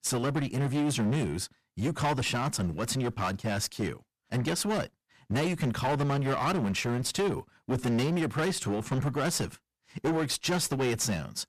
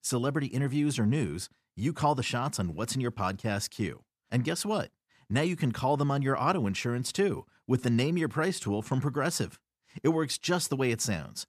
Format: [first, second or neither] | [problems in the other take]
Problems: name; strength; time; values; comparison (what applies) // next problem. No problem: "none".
second | distortion; heavy; 18% of the sound clipped